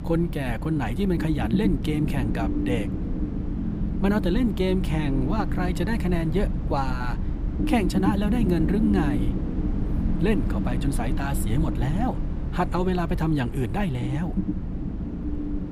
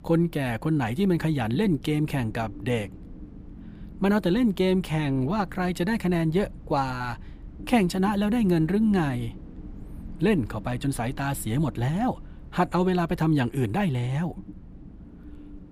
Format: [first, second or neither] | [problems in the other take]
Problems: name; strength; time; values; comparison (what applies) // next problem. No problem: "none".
second | low rumble; loud; throughout; 6 dB below the speech; faint in the second